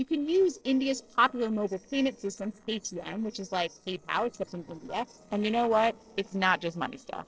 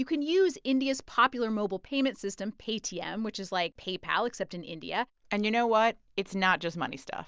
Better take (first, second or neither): second